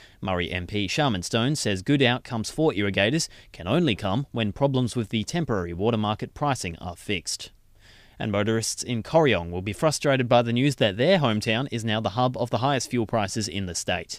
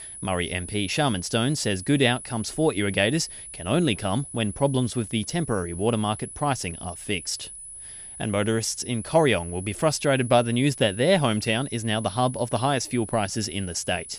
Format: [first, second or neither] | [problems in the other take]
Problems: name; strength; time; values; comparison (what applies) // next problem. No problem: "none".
first | high-pitched whine; noticeable; throughout; 10 kHz, 10 dB below the speech